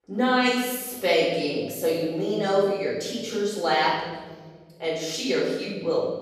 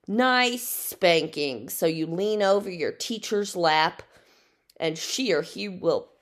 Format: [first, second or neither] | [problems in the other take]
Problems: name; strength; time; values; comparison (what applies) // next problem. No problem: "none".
second | off-mic speech; far // room echo; noticeable; dies away in 1.5 s